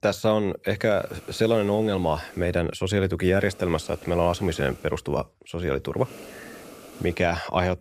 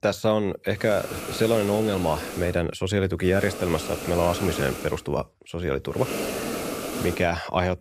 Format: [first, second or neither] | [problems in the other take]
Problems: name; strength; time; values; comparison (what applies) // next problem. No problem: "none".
first | hiss; loud; from 1 to 2.5 s, from 3.5 to 5 s and from 6 to 7 s; 7 dB below the speech; faint in the first